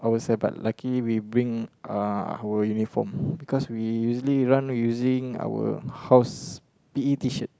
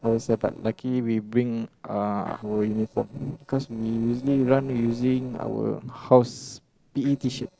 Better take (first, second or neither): first